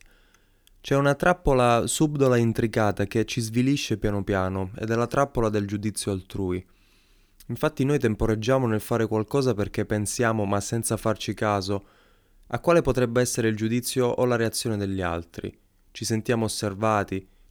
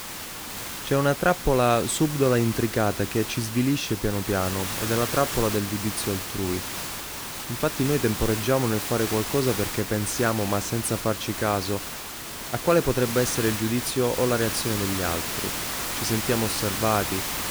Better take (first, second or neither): first